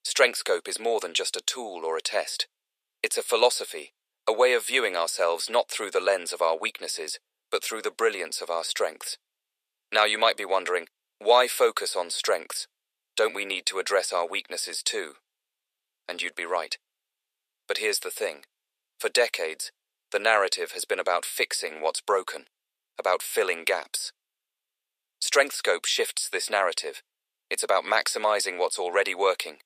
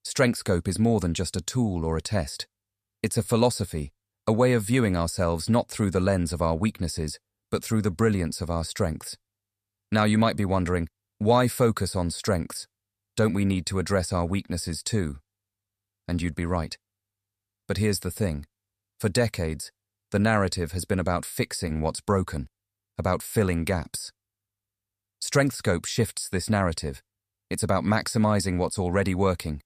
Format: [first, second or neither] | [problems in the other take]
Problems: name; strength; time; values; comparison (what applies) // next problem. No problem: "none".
second | thin; very; fading below 400 Hz